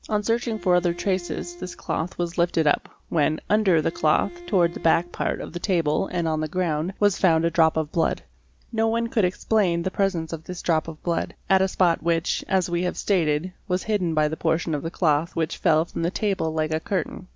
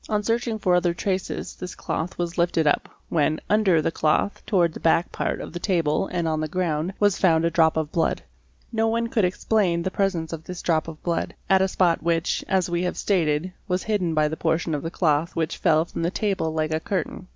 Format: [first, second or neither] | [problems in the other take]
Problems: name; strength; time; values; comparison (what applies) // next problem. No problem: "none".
second | background sound (Bowed string instrument); 19 dB below the speech